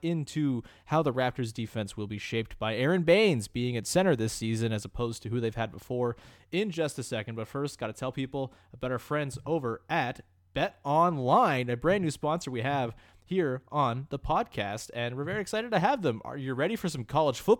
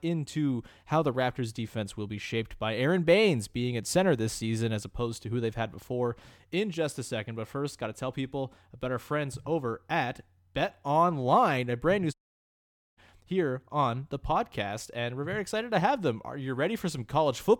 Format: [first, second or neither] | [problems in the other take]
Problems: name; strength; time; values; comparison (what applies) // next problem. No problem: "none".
first | audio cutting out; at 12 s for 1 s